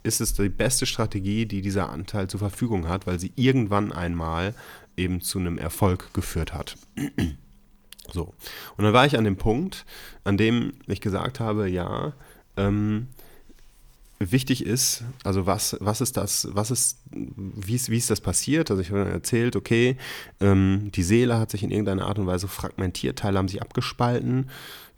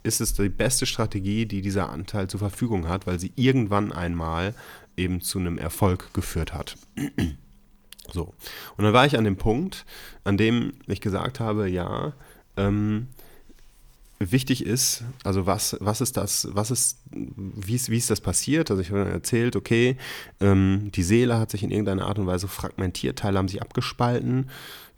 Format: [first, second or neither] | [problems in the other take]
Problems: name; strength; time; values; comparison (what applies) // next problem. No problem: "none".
neither | none